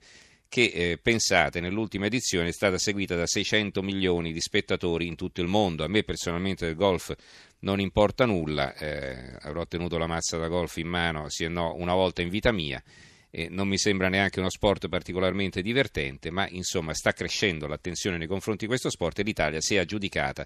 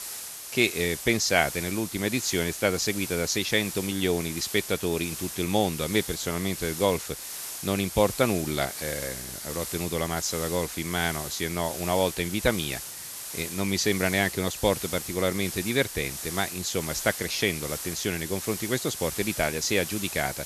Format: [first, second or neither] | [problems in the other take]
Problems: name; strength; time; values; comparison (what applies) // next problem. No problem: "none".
first | hiss; loud; throughout; 7 dB below the speech